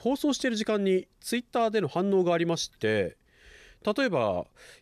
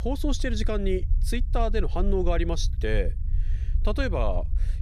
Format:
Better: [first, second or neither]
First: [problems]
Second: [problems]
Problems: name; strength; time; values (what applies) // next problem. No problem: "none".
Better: first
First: none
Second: low rumble; noticeable; throughout; 20 dB below the speech